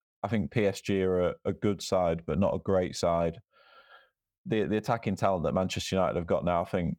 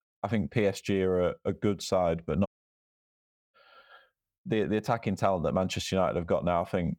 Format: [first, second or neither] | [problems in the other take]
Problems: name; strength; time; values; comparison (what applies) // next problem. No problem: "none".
first | audio cutting out; at 2.5 s for 1 s